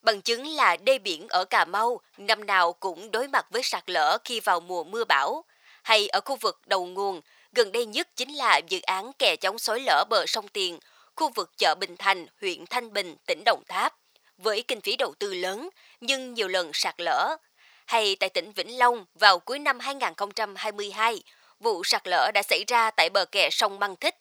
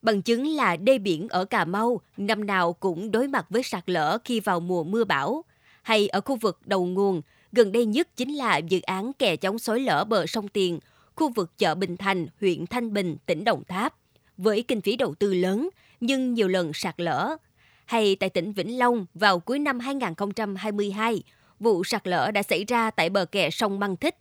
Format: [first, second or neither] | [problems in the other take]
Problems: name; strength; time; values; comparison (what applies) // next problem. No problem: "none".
second | thin; very; fading below 750 Hz